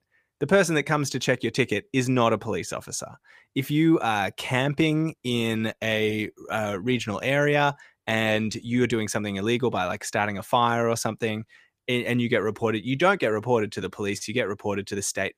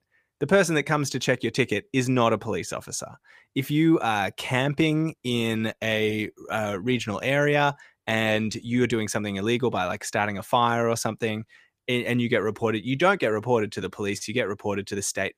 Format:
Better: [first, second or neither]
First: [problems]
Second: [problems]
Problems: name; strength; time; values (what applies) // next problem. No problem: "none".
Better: neither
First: none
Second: none